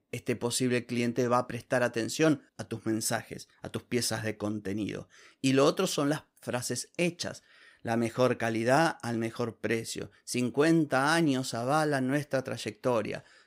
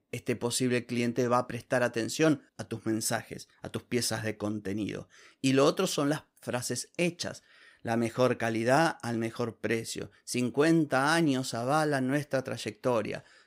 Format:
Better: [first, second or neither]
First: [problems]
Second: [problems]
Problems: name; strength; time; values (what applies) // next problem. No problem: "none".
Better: neither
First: none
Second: none